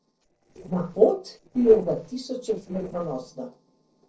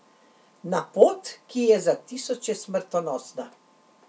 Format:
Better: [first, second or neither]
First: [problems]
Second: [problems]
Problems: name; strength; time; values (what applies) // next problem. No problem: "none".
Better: second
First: noise reduction (neural separator model SepFormer DNS4)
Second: none